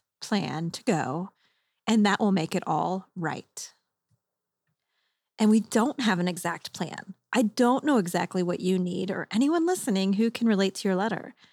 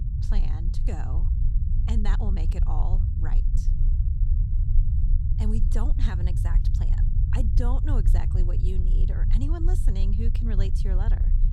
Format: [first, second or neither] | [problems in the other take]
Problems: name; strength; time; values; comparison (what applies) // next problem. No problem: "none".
first | low rumble; loud; throughout; 3 dB below the speech